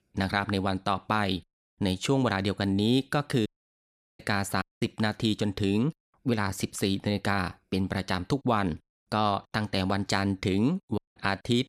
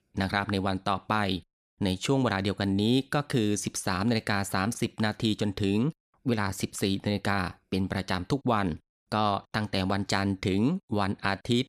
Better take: second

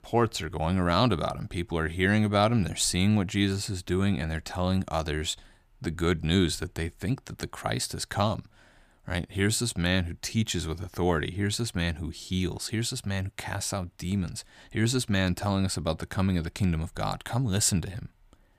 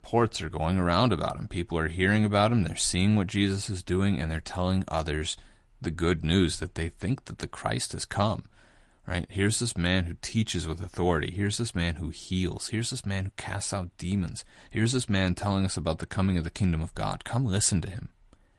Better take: first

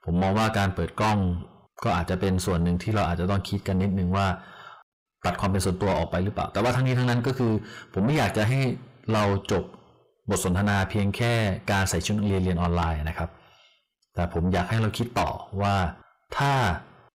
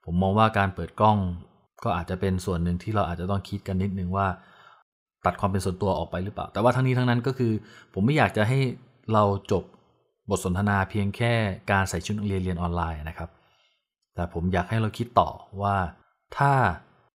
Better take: second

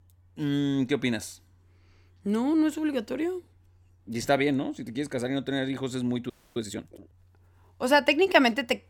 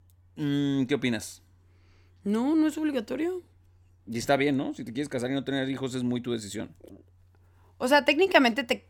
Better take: second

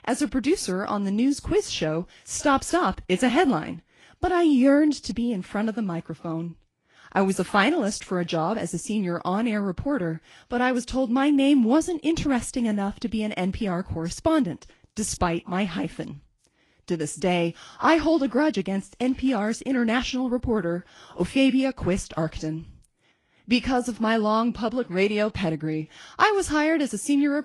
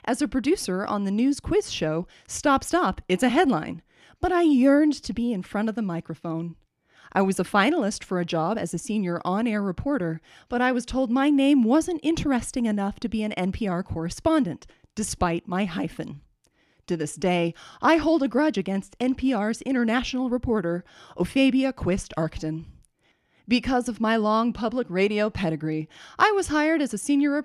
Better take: second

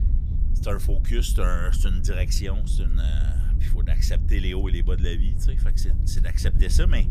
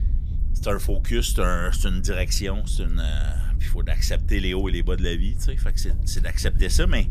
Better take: second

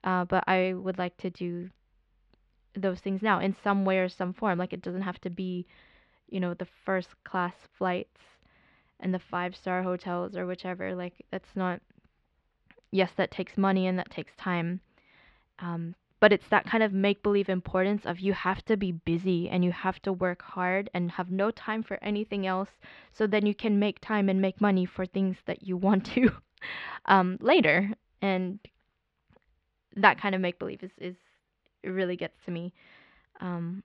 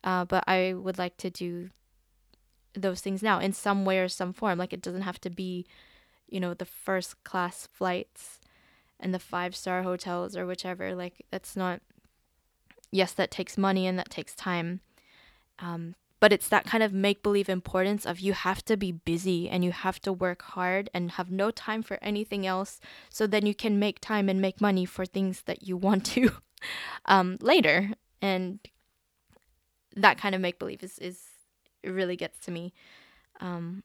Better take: second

